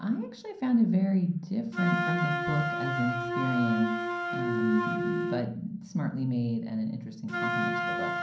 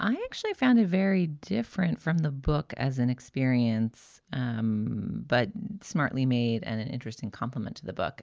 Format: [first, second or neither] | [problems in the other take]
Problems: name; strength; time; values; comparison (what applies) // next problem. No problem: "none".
second | background sound (Wind instrument, woodwind instrument); 4 dB below the speech // room echo; dies away in 0.6 s